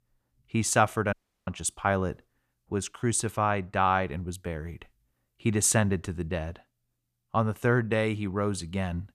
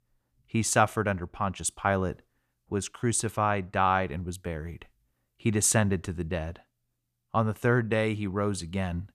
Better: second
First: audio cutting out; at 1 s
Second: none

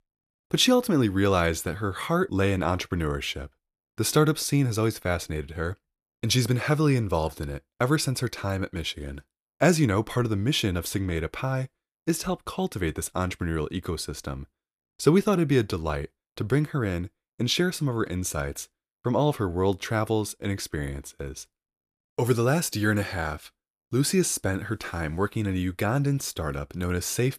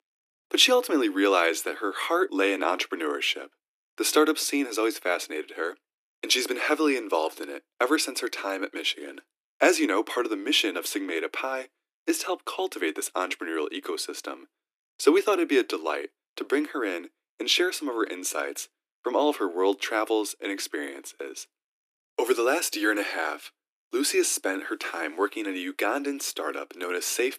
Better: first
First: none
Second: thin; somewhat; fading below 300 Hz

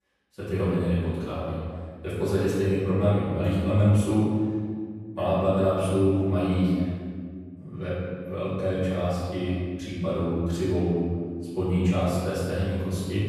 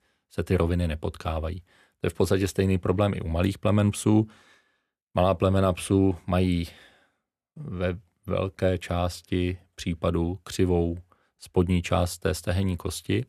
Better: second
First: off-mic speech; far // room echo; strong; dies away in 2 s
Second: none

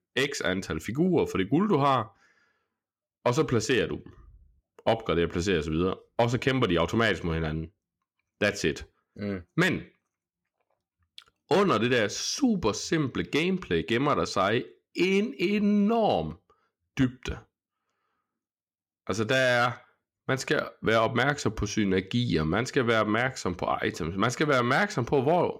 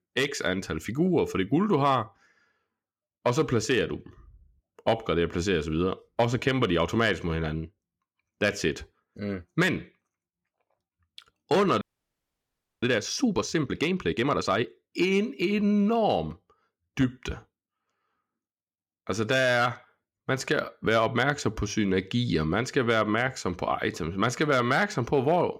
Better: first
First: none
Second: audio freezing; at 12 s for 1 s

